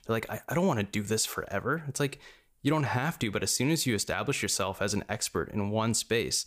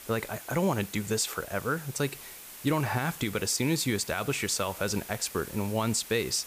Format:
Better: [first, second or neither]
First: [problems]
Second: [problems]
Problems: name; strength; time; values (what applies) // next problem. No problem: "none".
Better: first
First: none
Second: hiss; noticeable; throughout; 15 dB below the speech